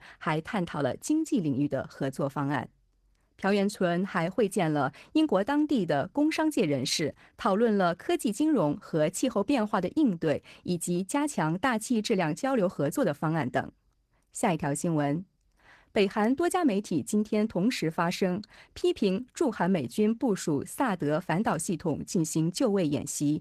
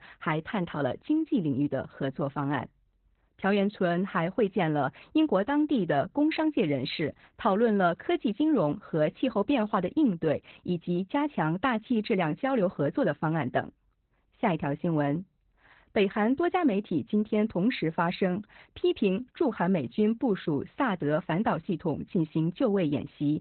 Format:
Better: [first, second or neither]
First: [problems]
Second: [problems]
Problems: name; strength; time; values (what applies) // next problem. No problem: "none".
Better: first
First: garbled, watery; slightly; nothing above 14 kHz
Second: garbled, watery; badly; nothing above 4 kHz